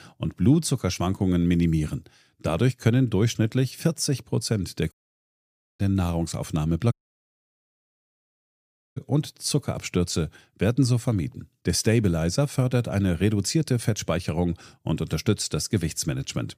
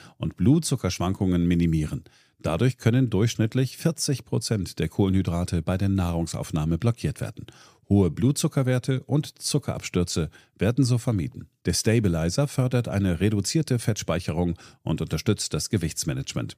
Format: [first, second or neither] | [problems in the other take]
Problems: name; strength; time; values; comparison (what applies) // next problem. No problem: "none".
second | audio cutting out; at 5 s for 1 s and at 7 s for 2 s